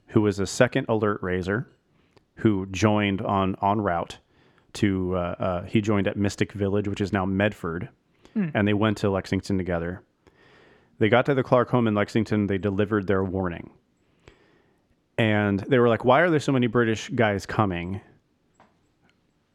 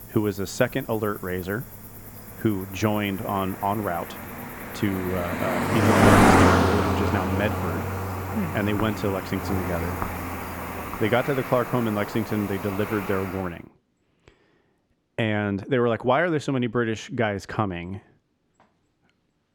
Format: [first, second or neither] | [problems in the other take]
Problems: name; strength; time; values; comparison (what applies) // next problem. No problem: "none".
first | animal sounds; very loud; until 13 s; 2 dB above the speech